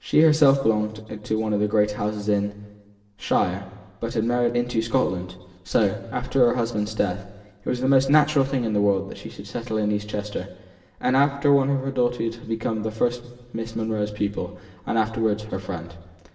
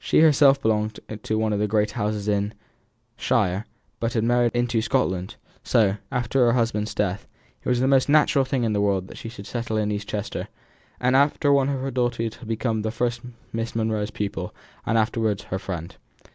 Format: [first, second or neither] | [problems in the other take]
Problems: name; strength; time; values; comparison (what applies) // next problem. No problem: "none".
second | room echo; dies away in 1 s